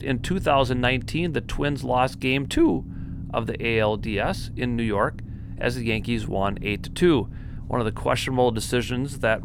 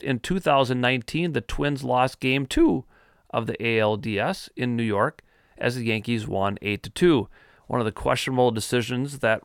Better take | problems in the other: second | low rumble; faint; throughout; 20 dB below the speech

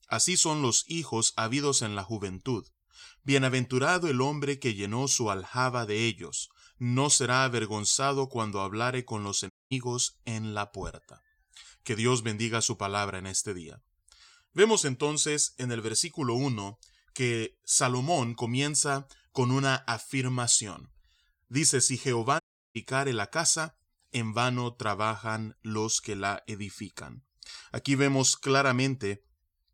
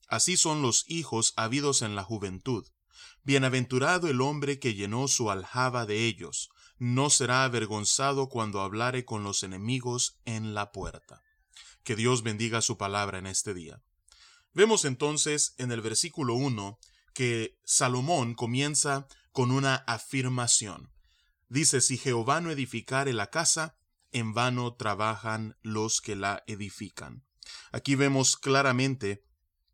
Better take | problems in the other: second | audio cutting out; at 9.5 s and at 22 s

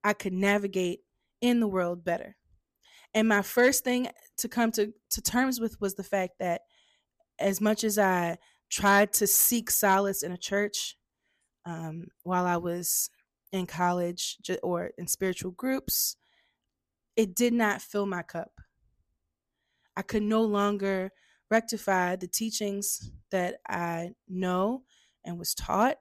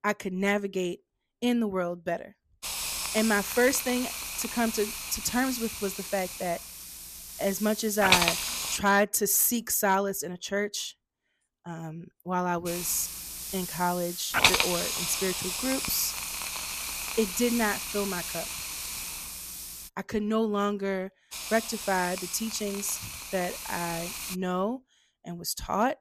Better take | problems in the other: first | hiss; loud; from 2.5 to 9 s, from 13 to 20 s and from 21 to 24 s; 2 dB below the speech

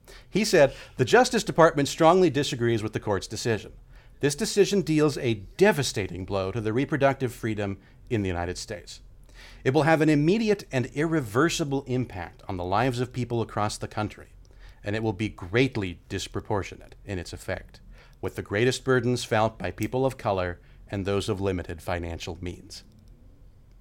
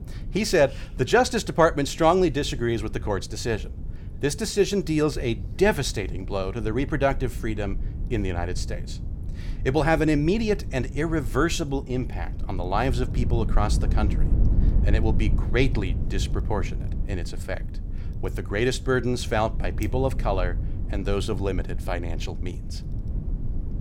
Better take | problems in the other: first | low rumble; noticeable; throughout; 20 dB below the speech

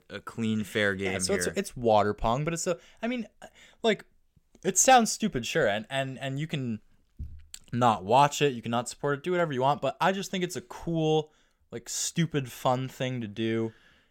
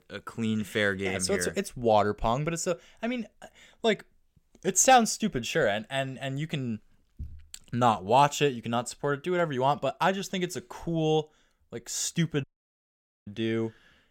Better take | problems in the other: first | audio cutting out; at 12 s for 1 s

